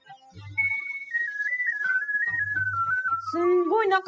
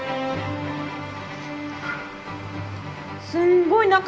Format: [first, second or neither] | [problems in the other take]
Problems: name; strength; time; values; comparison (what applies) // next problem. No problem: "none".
second | noise reduction (classical method spectral subtraction)